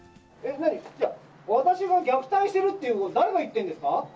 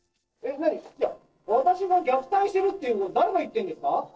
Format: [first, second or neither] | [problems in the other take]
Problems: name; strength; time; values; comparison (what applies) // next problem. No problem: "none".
first | noise reduction (neural separator model SepFormer DNS4)